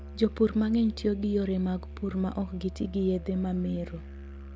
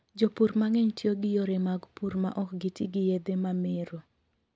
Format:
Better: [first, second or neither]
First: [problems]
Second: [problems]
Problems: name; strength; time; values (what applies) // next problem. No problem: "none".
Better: second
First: background sound (Musical instrument); 12 dB below the speech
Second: none